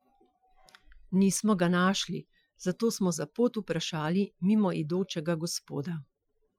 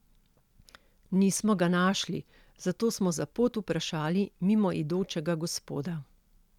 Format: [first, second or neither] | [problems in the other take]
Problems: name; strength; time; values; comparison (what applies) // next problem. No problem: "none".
second | noise reduction (classical method Wiener filter)